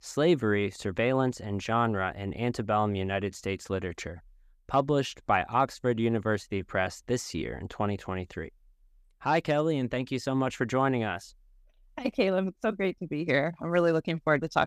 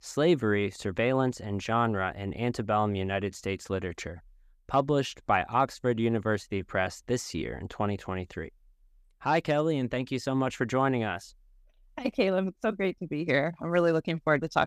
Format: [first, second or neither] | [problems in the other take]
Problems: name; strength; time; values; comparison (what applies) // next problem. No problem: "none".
neither | none